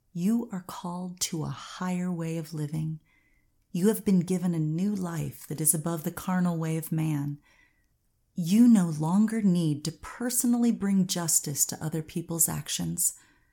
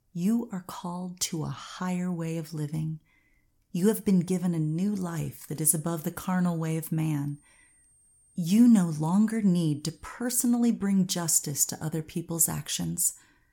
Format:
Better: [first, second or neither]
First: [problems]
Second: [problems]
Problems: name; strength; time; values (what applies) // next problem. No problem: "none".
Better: first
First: none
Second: high-pitched whine; faint; from 4 to 10 s; 8.5 kHz, 35 dB below the speech